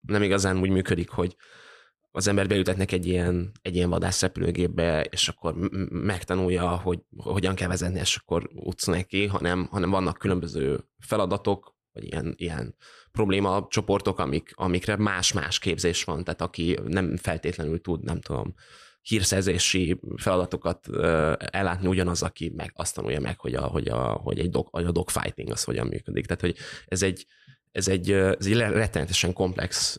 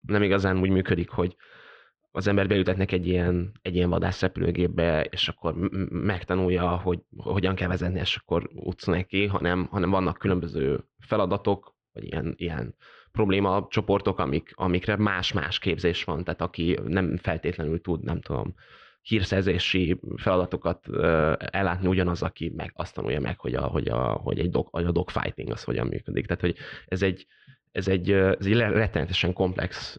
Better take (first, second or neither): first